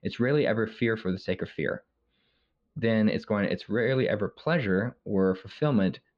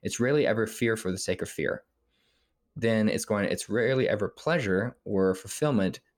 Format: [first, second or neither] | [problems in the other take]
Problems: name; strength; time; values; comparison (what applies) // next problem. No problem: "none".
second | muffled; slightly; fading above 4 kHz